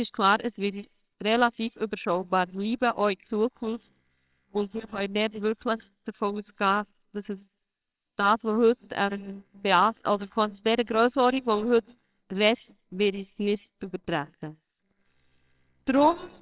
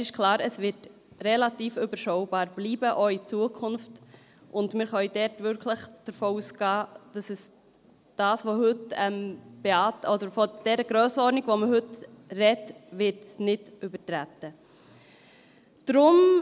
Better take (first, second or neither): second